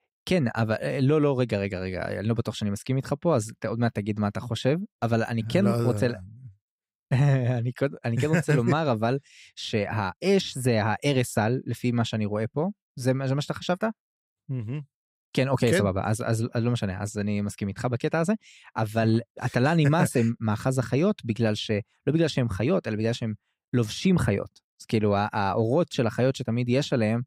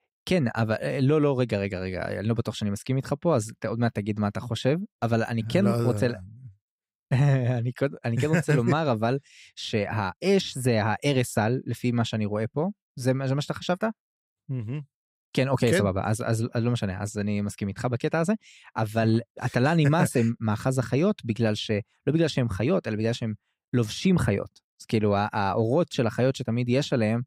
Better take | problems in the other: neither | none

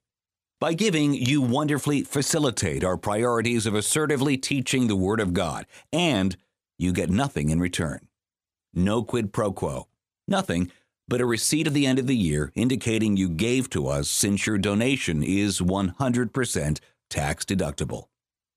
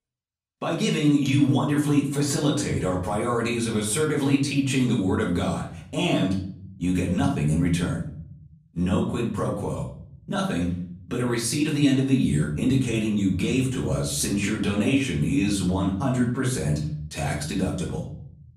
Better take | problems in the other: first | off-mic speech; far // room echo; slight; dies away in 0.7 s

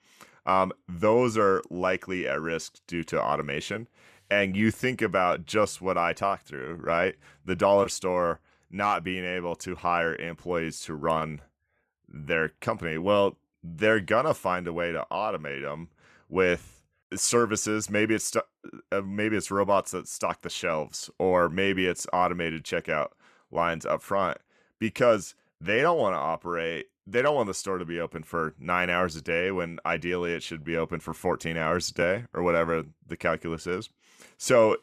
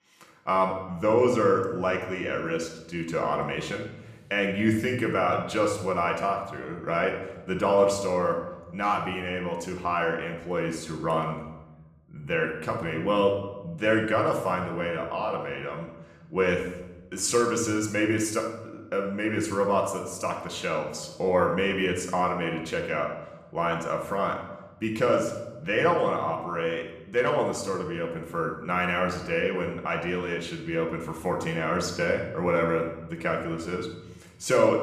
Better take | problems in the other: first | room echo; noticeable; dies away in 0.9 s // off-mic speech; somewhat distant

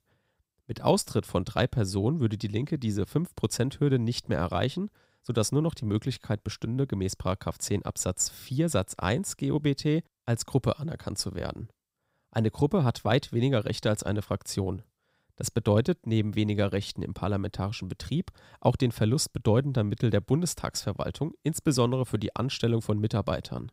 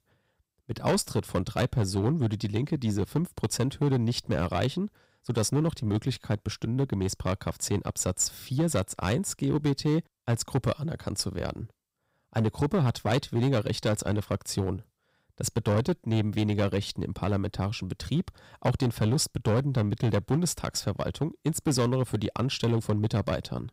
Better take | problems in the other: first | distortion; slight; 6% of the sound clipped

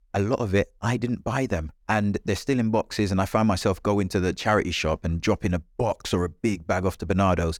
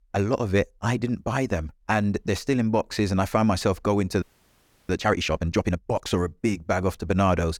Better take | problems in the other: first | audio freezing; at 4 s for 0.5 s

